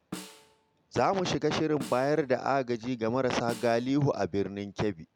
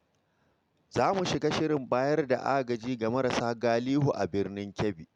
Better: second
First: background sound (Snare drum); 19 dB below the speech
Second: none

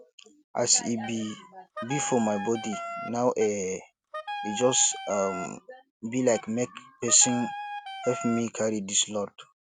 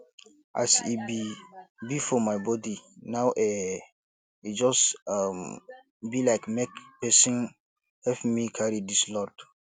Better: second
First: background sound (Wind instrument, woodwind instrument); 9 dB below the speech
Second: none

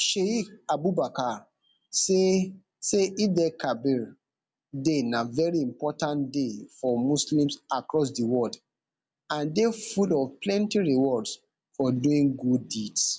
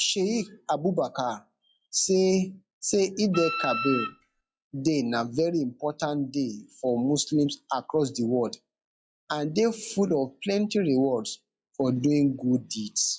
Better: first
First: none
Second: noise reduction (classical method log-MMSE)

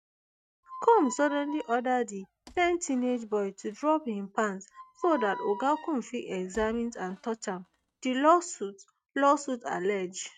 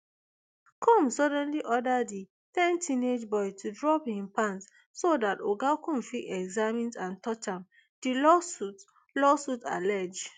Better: second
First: noise reduction (neural mask model RNNoise)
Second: none

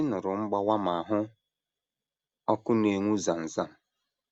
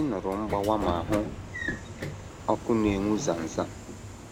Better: first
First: none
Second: background sound (Sliding door / Train); 7 dB below the speech

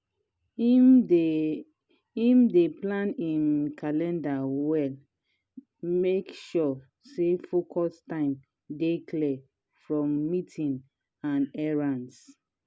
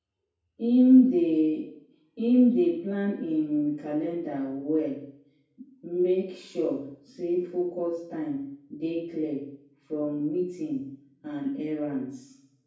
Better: first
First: none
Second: room echo; dies away in 0.6 s

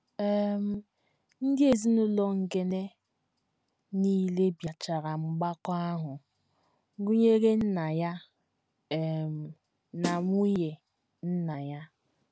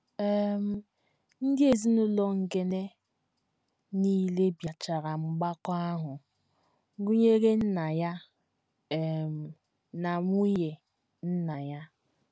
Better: second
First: background sound (Snare drum); 7 dB below the speech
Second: none

